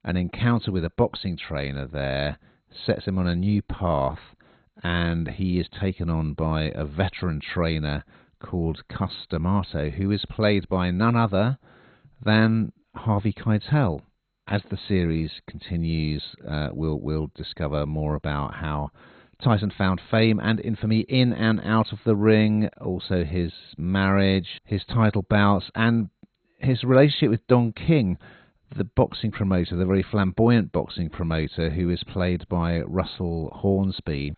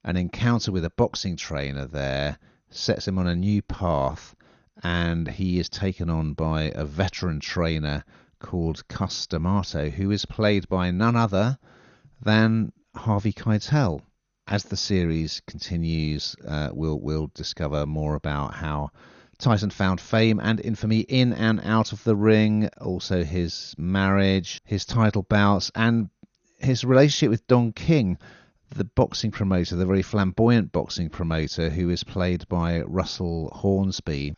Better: second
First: garbled, watery; badly; nothing above 4 kHz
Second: garbled, watery; slightly; nothing above 6.5 kHz

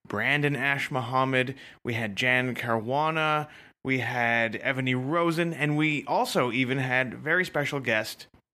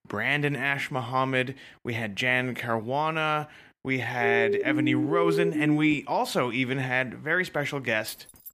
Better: first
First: none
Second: siren; loud; from 4 to 6 s; peak 1 dB above the speech // jangling keys; faint; at 8 s; peak 15 dB below the speech

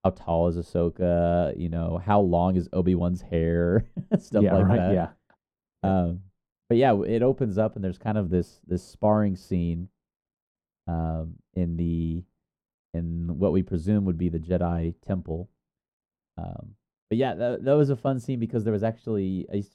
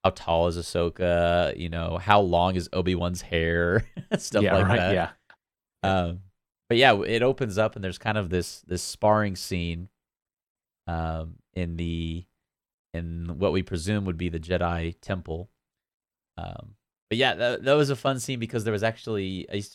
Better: second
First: muffled; slightly; fading above 1 kHz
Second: none

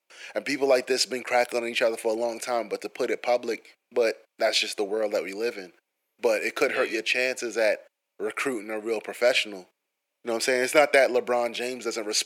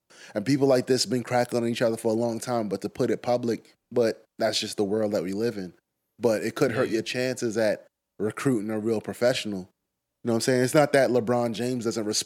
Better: second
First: thin; somewhat; fading below 500 Hz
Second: none

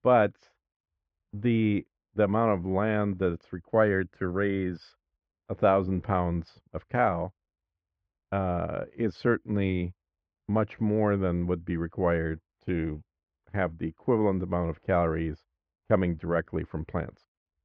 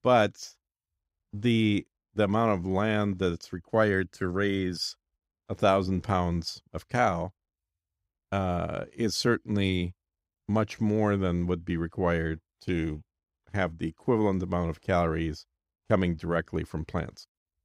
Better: second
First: muffled; very; fading above 2 kHz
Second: none

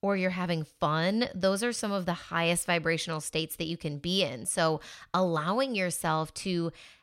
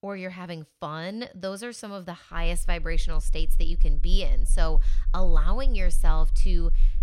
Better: first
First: none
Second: low rumble; faint; from 2.5 s on; 20 dB below the speech

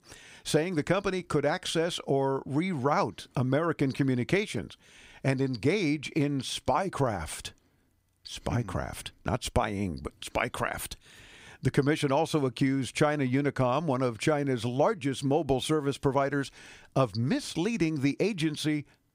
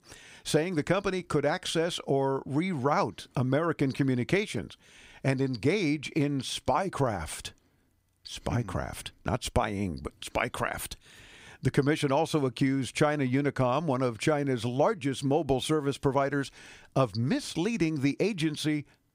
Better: neither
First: none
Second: none

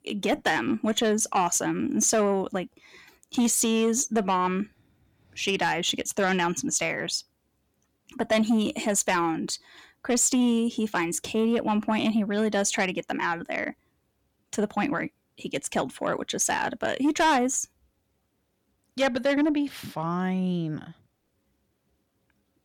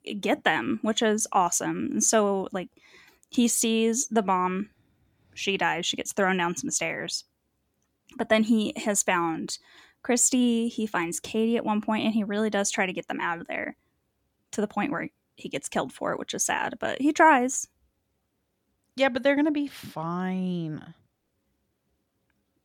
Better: second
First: distortion; slight; 10 dB below the speech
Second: none

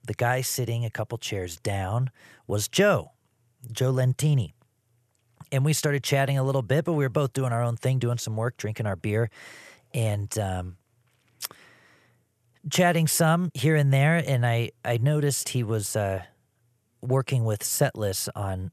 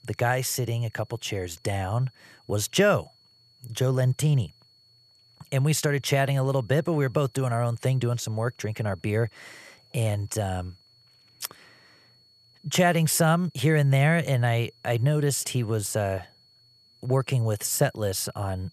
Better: first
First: none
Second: high-pitched whine; faint; throughout; 4.5 kHz, 30 dB below the speech

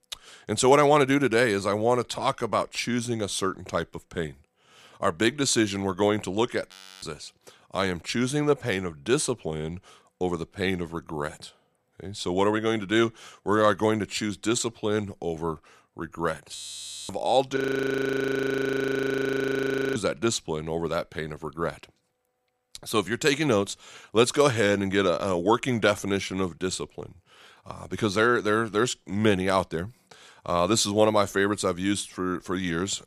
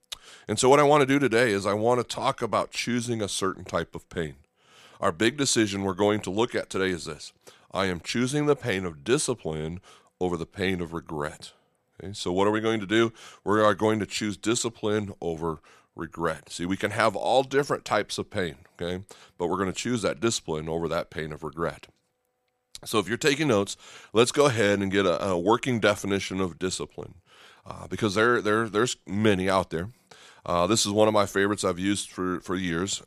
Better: second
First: audio freezing; at 6.5 s, at 17 s for 0.5 s and at 18 s for 2.5 s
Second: none

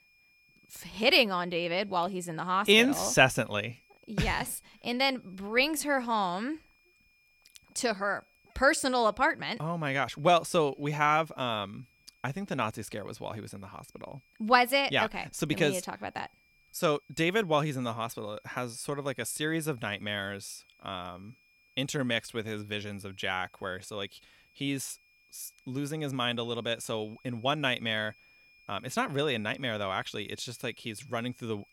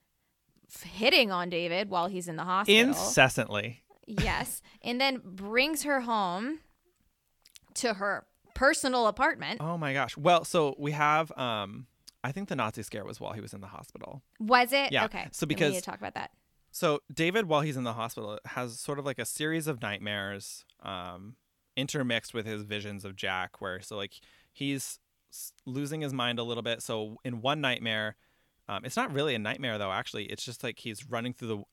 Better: second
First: high-pitched whine; faint; throughout; 2.5 kHz, 35 dB below the speech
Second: none

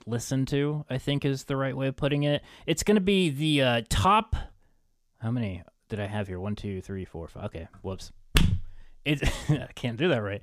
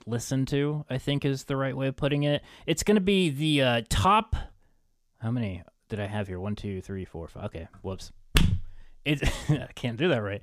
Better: neither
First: none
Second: none

